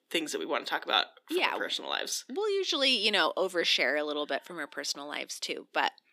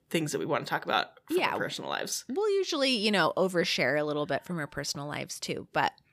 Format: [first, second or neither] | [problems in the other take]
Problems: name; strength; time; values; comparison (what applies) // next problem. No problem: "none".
second | thin; very slightly; fading below 250 Hz